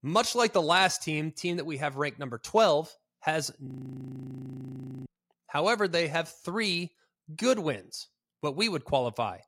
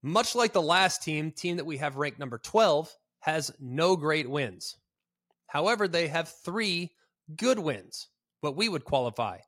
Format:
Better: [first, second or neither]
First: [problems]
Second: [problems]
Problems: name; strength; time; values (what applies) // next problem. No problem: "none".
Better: second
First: audio freezing; at 3.5 s for 1.5 s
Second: none